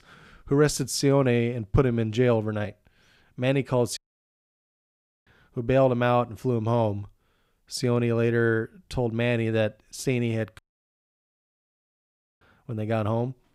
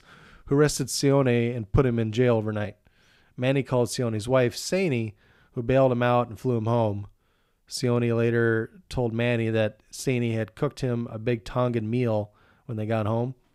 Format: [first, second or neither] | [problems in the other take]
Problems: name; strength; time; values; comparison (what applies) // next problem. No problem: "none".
second | audio cutting out; at 4 s for 1.5 s and at 11 s for 2 s